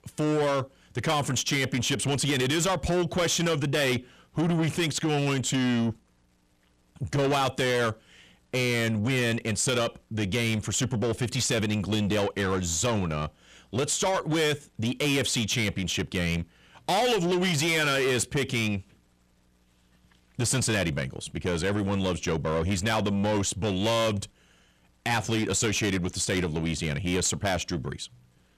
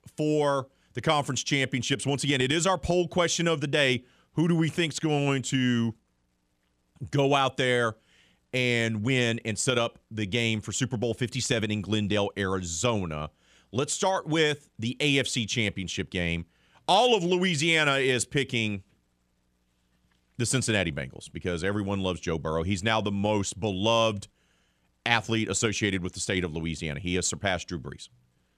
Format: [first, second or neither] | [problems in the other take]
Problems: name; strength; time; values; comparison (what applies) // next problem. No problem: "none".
second | distortion; heavy; 7 dB below the speech